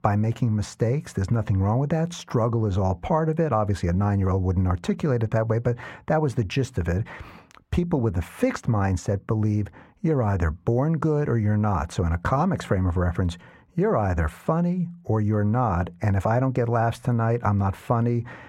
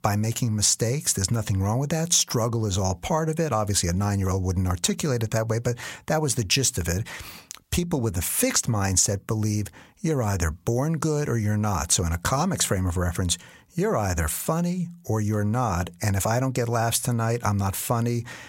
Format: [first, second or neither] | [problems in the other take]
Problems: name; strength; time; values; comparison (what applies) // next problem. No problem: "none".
second | muffled; very; fading above 3.5 kHz